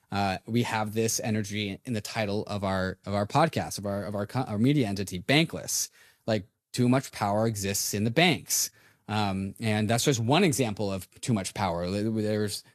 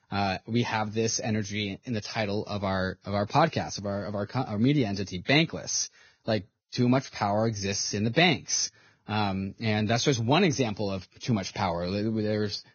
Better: first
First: garbled, watery; slightly; nothing above 13 kHz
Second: garbled, watery; badly; nothing above 6.5 kHz

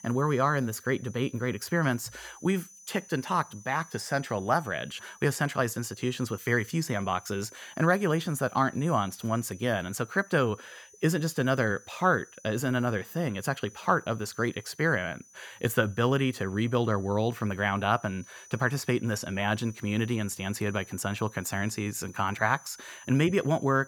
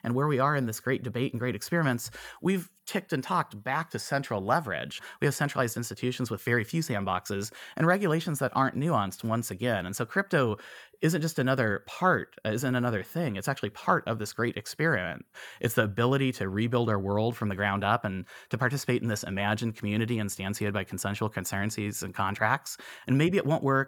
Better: second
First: high-pitched whine; faint; throughout; 6 kHz, 20 dB below the speech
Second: none

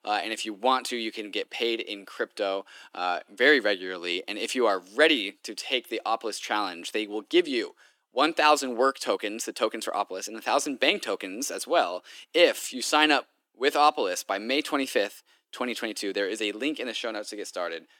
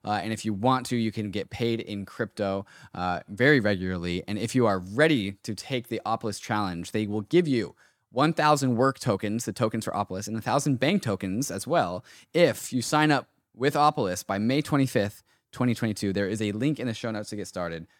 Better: second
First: thin; somewhat; fading below 300 Hz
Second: none

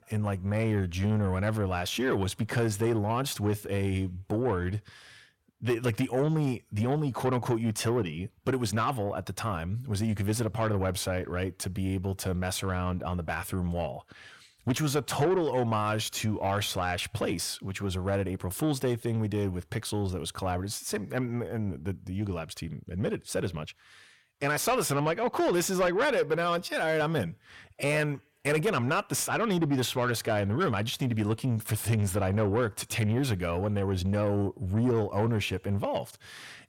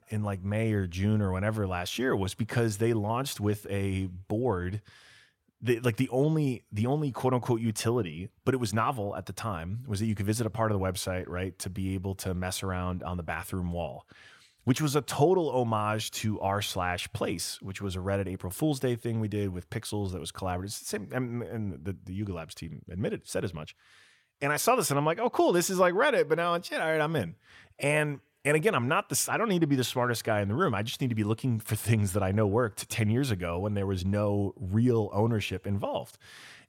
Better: second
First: distortion; slight; 10 dB below the speech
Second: none

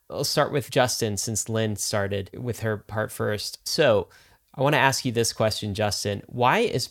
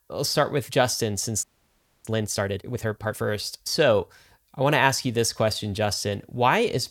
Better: first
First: none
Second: audio freezing; at 1.5 s for 0.5 s

